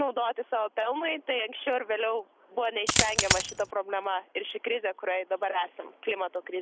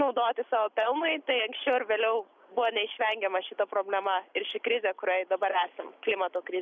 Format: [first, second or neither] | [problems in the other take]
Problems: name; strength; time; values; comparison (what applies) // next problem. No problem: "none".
second | background sound (Coin (dropping)); 4 dB above the speech